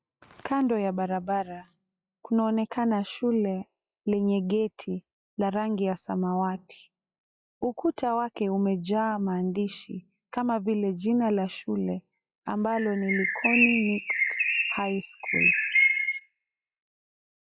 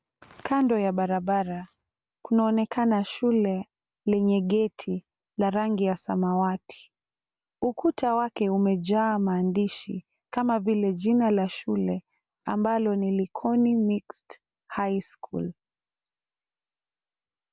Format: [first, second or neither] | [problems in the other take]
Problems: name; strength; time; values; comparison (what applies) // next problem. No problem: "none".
second | noise reduction (classical method log-MMSE)